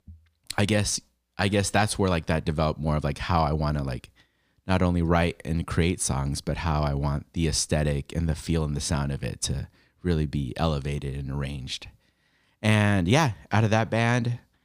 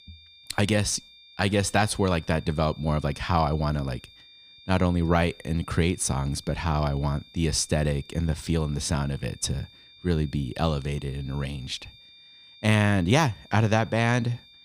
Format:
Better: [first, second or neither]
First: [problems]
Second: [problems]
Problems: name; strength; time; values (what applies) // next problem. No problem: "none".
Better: first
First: none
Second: high-pitched whine; faint; throughout; 3.5 kHz, 25 dB below the speech